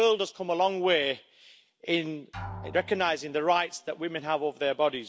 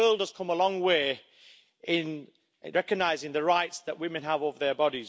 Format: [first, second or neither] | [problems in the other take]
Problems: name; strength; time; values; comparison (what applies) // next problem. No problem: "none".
second | background sound (Drum); 20 dB below the speech